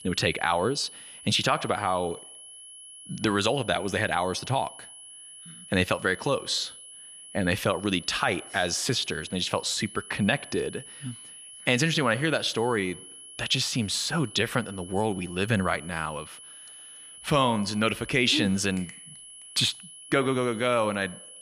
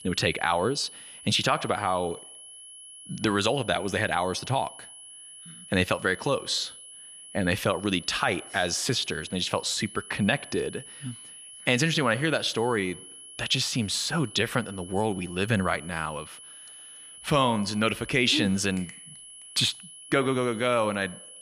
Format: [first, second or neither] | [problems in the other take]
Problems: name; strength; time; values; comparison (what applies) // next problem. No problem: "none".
neither | high-pitched whine; noticeable; throughout; 10.5 kHz, 15 dB below the speech; the same in both